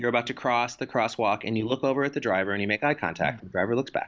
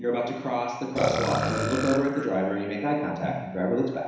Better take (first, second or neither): first